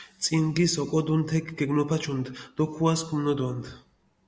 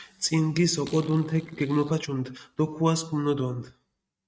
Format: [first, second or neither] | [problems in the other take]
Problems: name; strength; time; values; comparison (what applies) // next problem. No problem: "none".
first | noise reduction (neural mask model RNNoise)